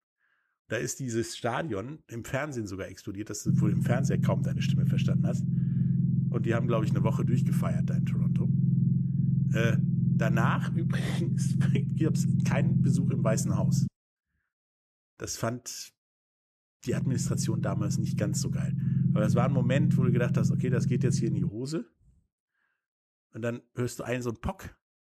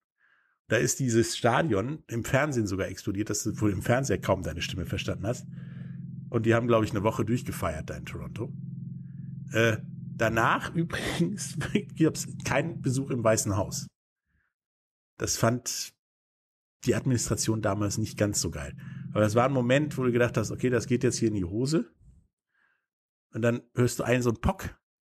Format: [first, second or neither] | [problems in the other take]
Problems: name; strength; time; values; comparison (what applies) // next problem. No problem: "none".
second | low rumble; loud; from 3.5 to 14 s and from 17 to 21 s; 2 dB below the speech; faint in the second